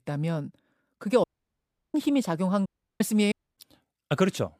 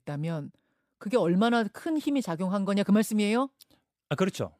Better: second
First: audio cutting out; at 1 s for 0.5 s, at 2.5 s and at 3.5 s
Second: none

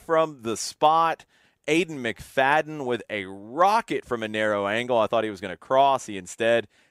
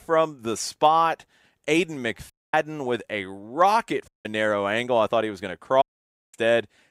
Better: first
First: none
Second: audio cutting out; at 2.5 s, at 4 s and at 6 s for 0.5 s

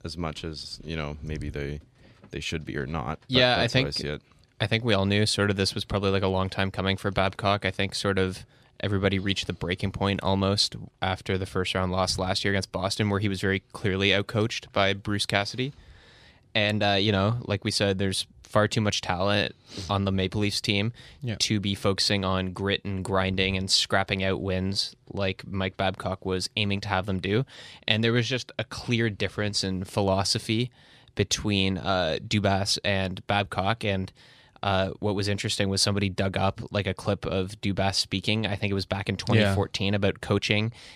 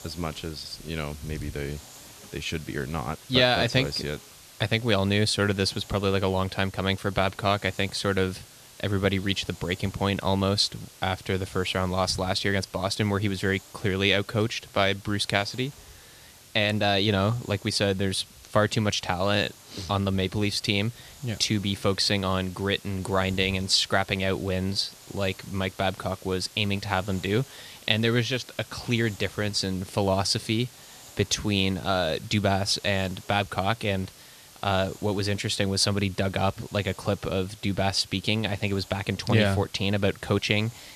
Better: first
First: none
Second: hiss; faint; throughout; 20 dB below the speech

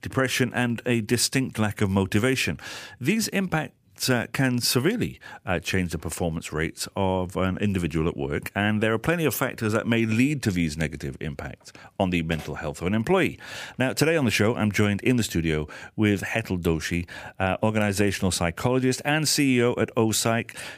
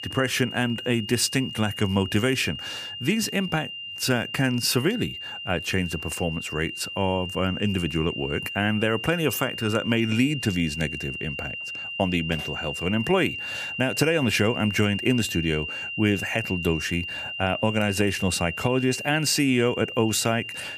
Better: first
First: none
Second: high-pitched whine; loud; throughout; 3 kHz, 7 dB below the speech

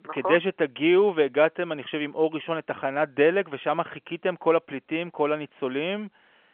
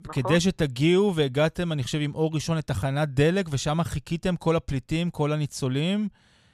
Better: second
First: phone-call audio; nothing above 3.5 kHz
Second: none

